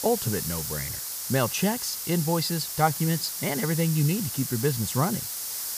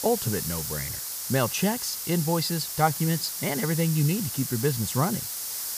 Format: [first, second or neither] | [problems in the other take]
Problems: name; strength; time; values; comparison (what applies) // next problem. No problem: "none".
neither | hiss; loud; throughout; 3 dB below the speech; the same in both